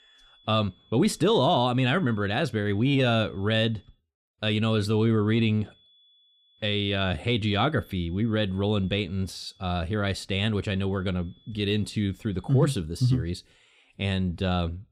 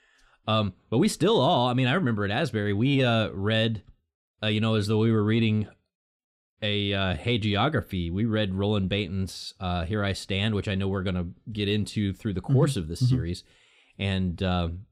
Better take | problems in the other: second | high-pitched whine; faint; until 4 s, from 5.5 to 9.5 s and from 11 to 13 s; 3.5 kHz, 30 dB below the speech

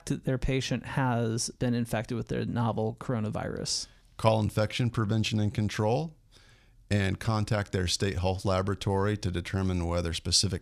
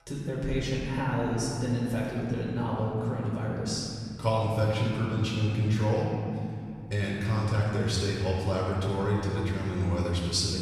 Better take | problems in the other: first | off-mic speech; far // room echo; strong; dies away in 2.7 s

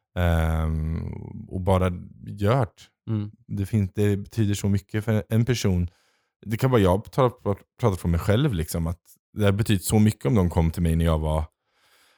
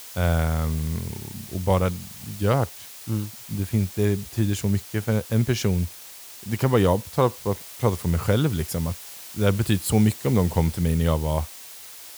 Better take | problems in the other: first | hiss; noticeable; throughout; 15 dB below the speech

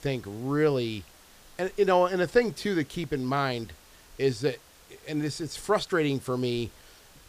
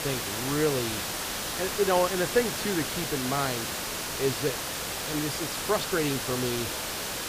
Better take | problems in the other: first | hiss; loud; throughout; 1 dB below the speech; faint in the first

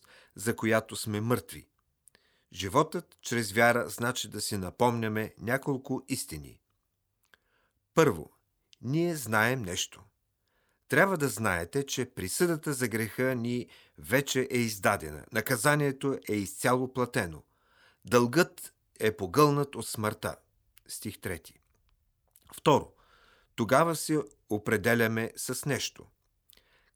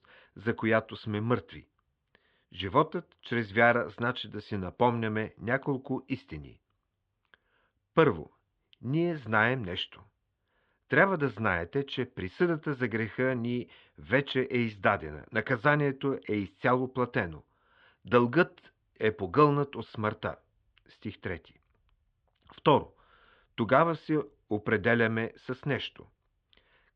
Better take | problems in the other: first | muffled; very; fading above 3.5 kHz

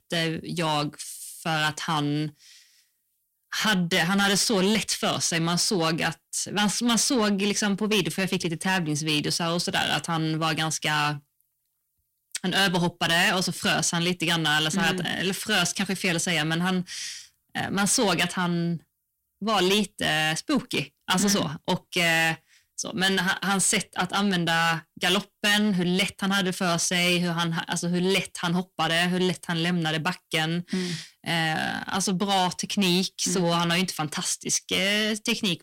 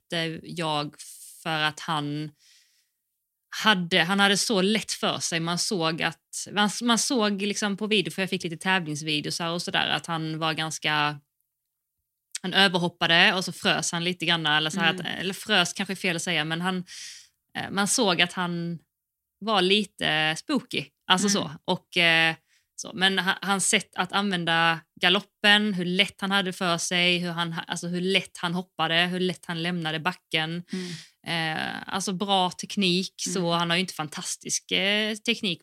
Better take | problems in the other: second | distortion; heavy; 6 dB below the speech

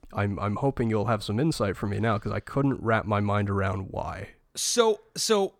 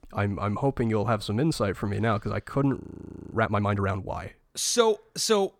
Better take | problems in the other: first | audio freezing; at 3 s for 0.5 s

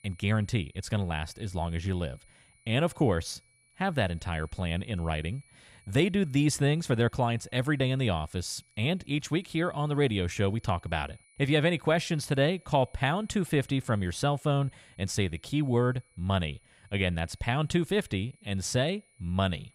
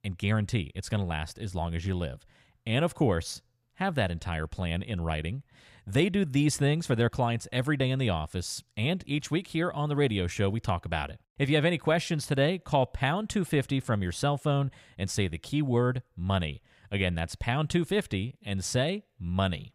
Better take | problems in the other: second | high-pitched whine; faint; throughout; 2.5 kHz, 30 dB below the speech

